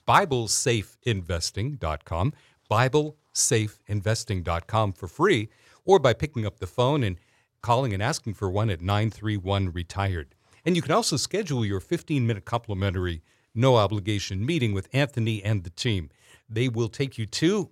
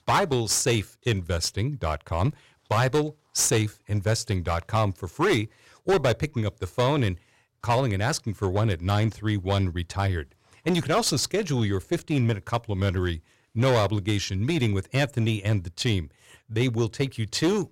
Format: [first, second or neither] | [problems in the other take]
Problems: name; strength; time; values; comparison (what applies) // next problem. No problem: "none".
first | distortion; slight; 8% of the sound clipped